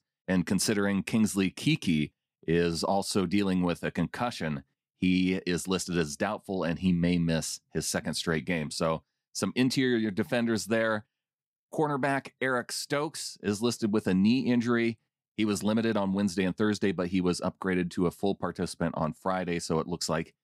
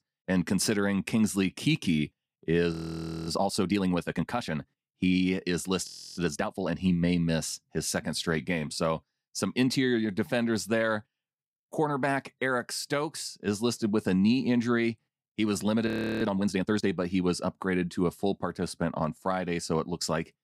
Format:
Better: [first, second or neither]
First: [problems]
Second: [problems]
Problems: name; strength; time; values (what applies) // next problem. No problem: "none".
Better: first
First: none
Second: audio freezing; at 2.5 s for 0.5 s, at 6 s and at 16 s